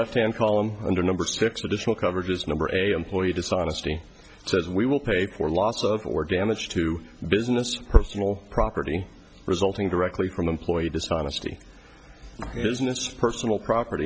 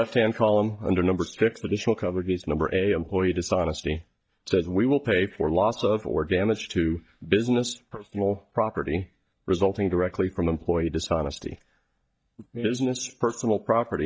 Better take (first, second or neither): first